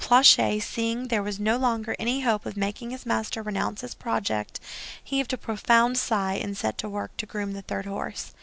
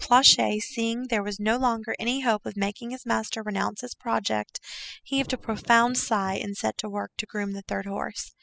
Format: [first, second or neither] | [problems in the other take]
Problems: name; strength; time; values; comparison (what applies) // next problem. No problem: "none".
first | noise reduction (classical method spectral subtraction)